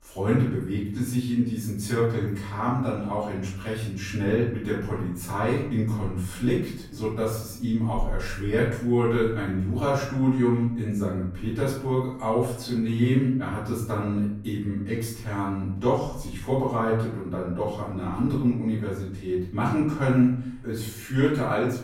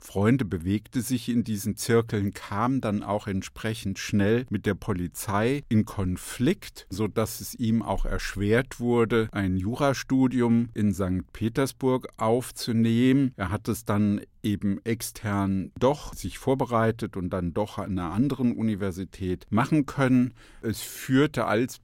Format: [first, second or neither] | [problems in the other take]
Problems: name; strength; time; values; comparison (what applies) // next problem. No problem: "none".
second | room echo; noticeable; dies away in 0.6 s // off-mic speech; far